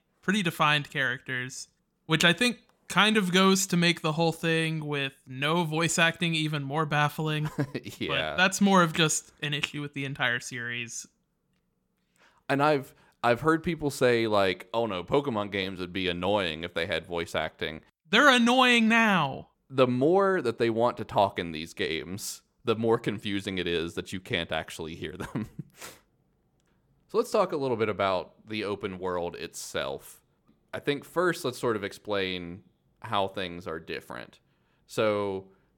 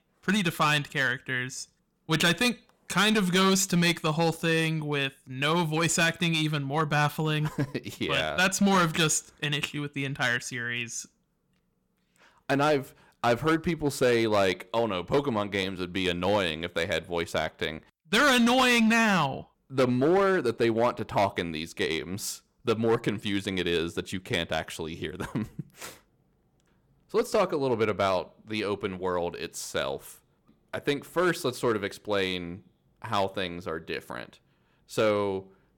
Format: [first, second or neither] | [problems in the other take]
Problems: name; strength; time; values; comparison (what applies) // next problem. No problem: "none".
first | distortion; slight; 4% of the sound clipped